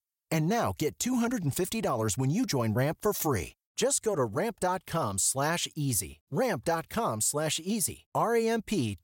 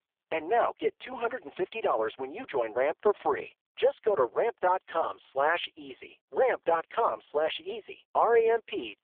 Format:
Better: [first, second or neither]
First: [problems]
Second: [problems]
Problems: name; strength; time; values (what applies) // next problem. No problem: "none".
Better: first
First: none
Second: phone-call audio; poor line; nothing above 3.5 kHz